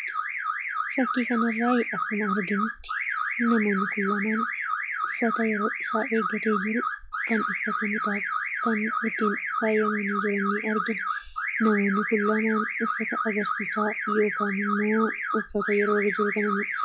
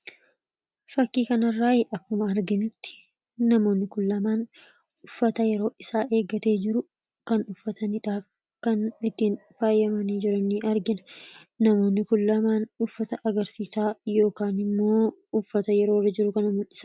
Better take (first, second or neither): second